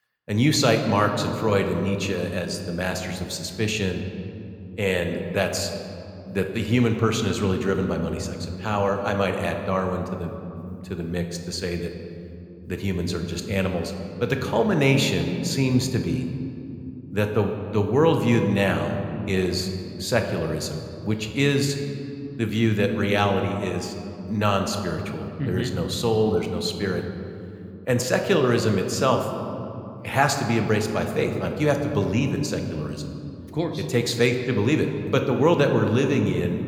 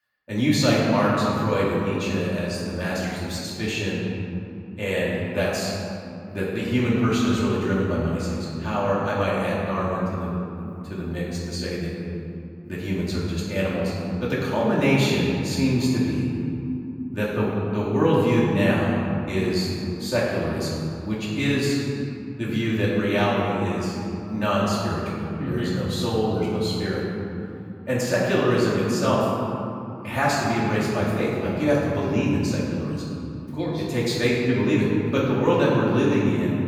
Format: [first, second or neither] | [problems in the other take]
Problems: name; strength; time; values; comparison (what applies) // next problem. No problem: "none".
first | room echo; strong; dies away in 3 s; slight in the first // off-mic speech; far